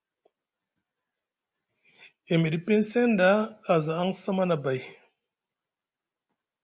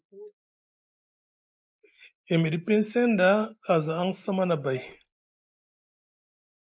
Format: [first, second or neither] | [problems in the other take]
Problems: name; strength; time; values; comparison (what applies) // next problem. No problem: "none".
first | noise reduction (neural mask model Resemble Enhance denoiser)